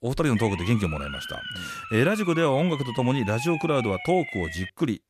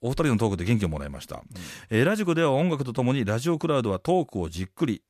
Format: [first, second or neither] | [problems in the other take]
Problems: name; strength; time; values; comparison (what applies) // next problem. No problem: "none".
second | siren; noticeable; peak 8 dB below the speech